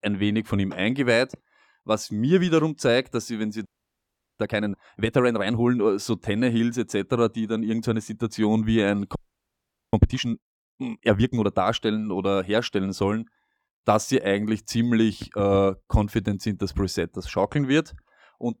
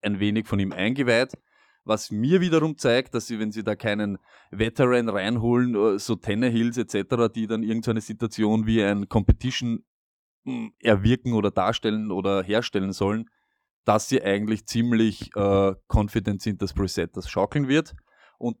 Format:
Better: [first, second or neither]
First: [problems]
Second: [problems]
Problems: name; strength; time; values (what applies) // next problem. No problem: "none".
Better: second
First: audio freezing; at 3.5 s for 0.5 s and at 9 s for 1 s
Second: none